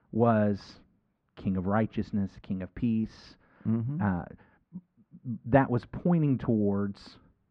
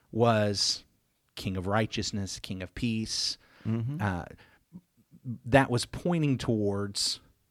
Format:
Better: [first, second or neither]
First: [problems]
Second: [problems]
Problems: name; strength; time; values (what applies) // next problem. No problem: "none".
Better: second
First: muffled; very; fading above 1.5 kHz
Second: none